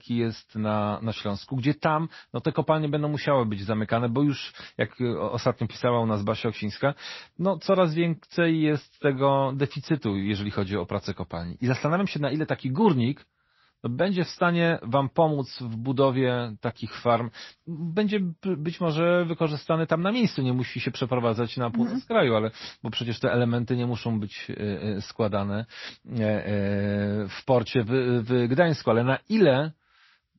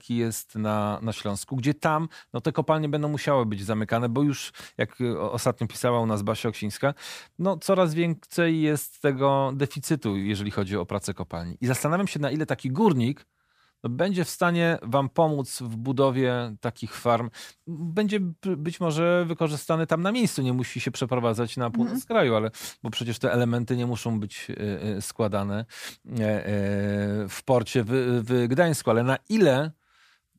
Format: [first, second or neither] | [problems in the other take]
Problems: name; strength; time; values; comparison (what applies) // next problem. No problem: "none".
second | garbled, watery; slightly; nothing above 5.5 kHz